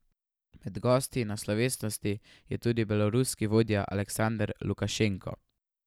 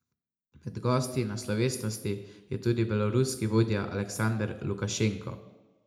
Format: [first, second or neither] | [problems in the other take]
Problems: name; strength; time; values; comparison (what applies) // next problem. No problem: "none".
first | room echo; dies away in 0.5 s